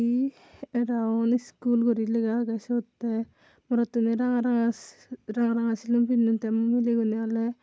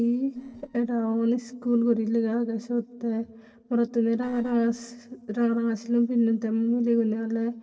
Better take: first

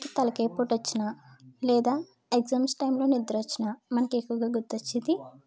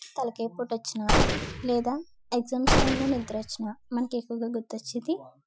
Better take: first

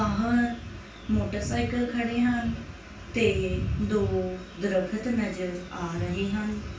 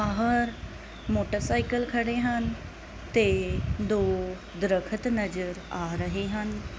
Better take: second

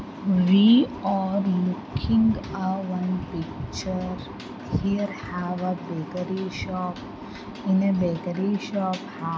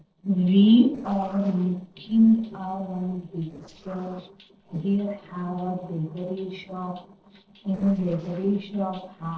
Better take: first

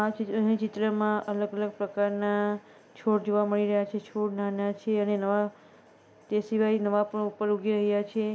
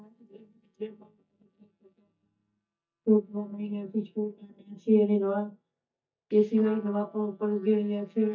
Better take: first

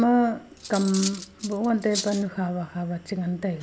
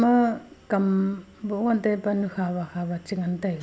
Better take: second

